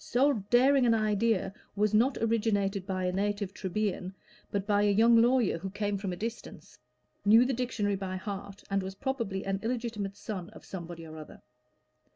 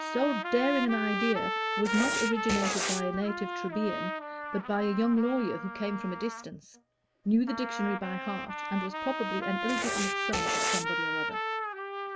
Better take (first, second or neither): first